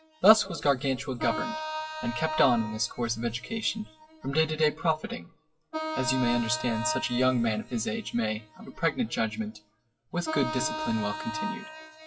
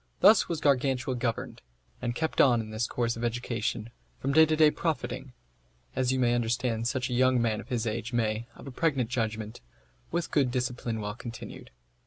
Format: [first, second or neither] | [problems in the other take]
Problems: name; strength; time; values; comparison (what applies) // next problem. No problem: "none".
second | noise reduction (classical method WPE with log-MMSE)